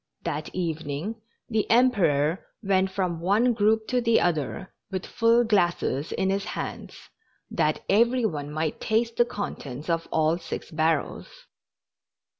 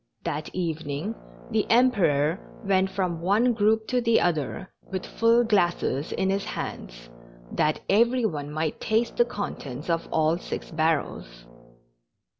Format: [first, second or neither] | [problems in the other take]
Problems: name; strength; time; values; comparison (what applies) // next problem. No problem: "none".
first | background sound (Brass instrument); 20 dB below the speech